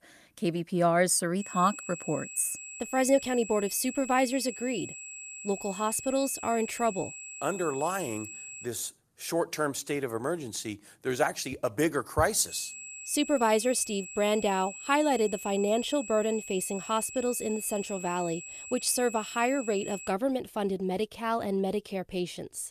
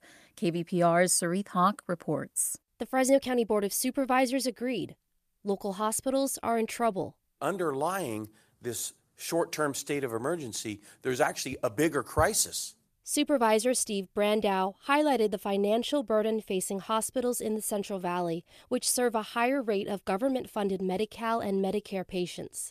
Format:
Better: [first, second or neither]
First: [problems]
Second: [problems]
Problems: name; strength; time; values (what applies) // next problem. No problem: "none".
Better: second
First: high-pitched whine; noticeable; from 1.5 to 8.5 s and from 12 to 20 s; 2.5 kHz, 10 dB below the speech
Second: none